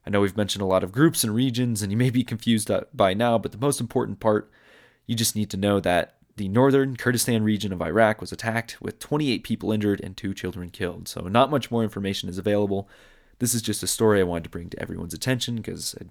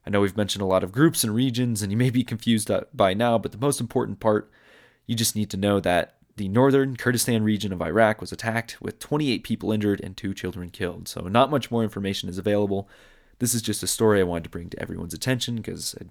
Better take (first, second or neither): neither